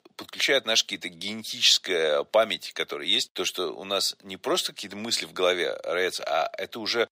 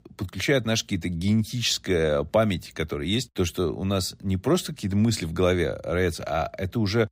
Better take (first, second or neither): second